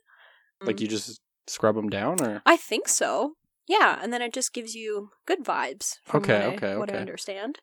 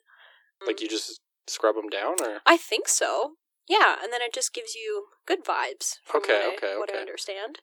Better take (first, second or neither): first